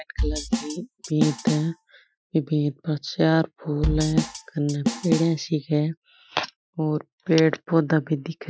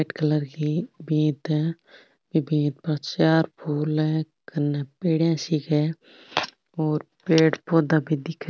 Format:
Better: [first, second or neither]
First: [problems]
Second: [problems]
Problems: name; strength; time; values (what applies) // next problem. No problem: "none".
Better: second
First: noise reduction (classical method Wiener filter)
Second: none